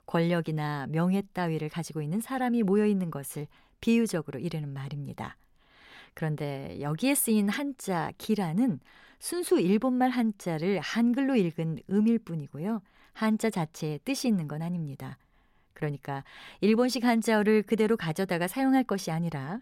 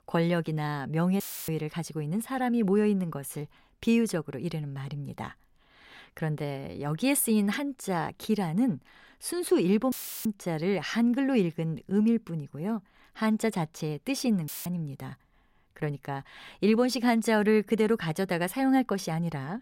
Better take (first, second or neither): first